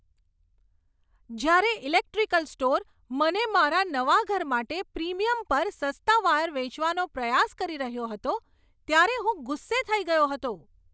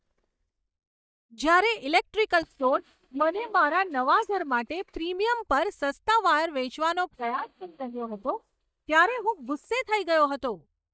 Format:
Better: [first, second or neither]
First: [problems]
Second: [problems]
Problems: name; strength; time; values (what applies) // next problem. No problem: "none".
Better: first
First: none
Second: noise reduction (neural mask model DeepFilterNet 3)